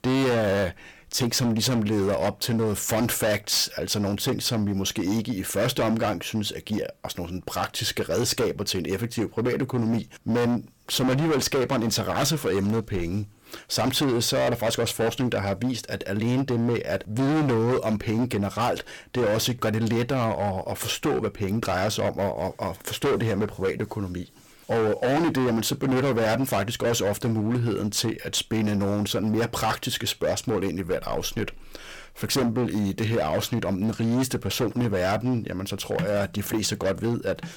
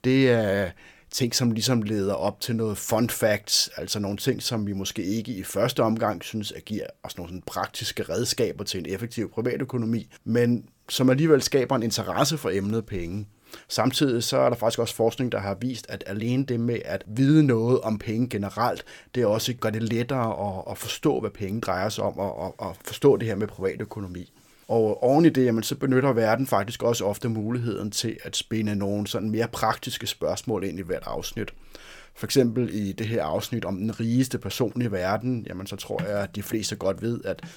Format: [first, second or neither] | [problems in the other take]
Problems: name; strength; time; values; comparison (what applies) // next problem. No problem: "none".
second | distortion; heavy; 18% of the sound clipped